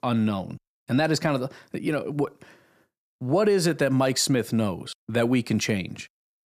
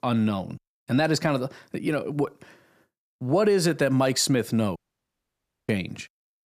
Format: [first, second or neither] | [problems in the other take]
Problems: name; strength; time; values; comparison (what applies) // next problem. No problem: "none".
first | audio cutting out; at 5 s for 1 s